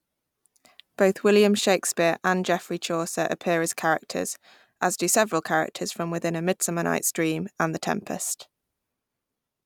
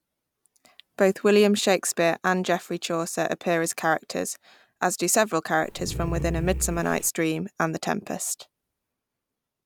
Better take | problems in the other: first | background sound (Growling); 6 dB below the speech

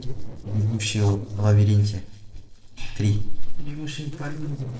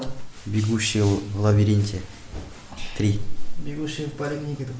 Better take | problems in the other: second | noise reduction (neural separator model SepFormer DNS4)

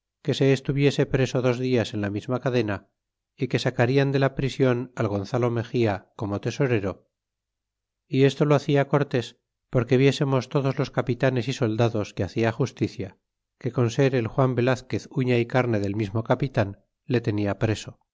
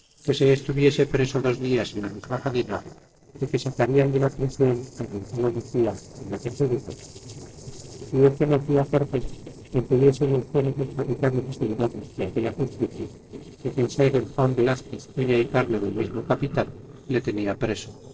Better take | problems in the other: first | noise reduction (neural separator model SepFormer DNS4)

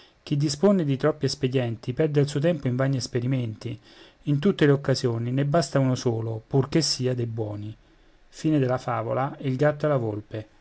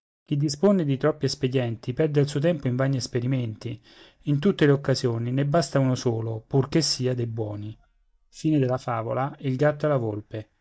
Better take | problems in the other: first | noise reduction (neural mask model DeepFilterNet 3)

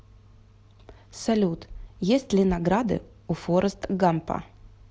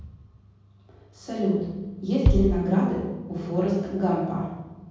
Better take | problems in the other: first | background sound (Bass drum); 1 dB below the speech // room echo; dies away in 1.3 s

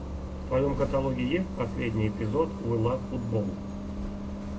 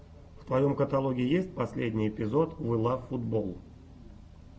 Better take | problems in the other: second | background sound (Bus); 5 dB below the speech // room echo; dies away in 0.2 s

